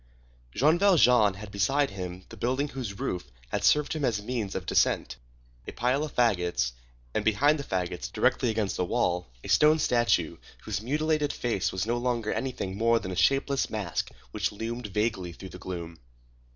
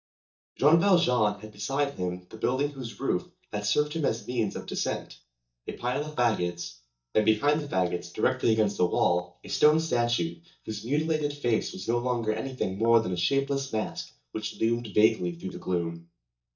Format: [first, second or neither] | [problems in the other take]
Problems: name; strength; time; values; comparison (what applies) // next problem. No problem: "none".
first | noise reduction (neural mask model DeepFilterNet 3)